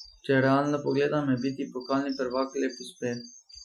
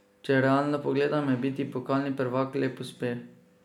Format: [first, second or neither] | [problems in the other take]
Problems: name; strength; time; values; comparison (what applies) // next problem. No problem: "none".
second | noise reduction (classical method Wiener filter)